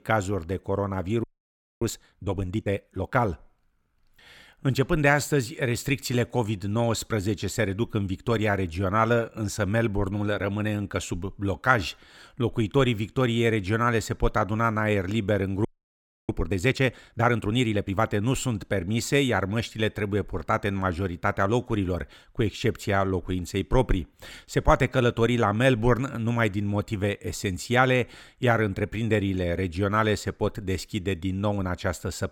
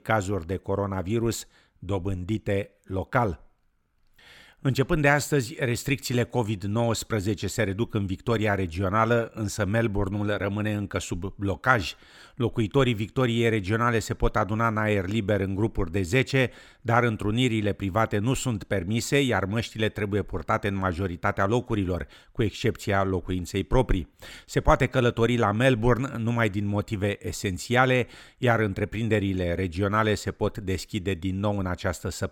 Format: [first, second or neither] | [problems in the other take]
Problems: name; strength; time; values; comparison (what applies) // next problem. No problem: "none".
second | audio freezing; at 1 s for 0.5 s and at 16 s for 0.5 s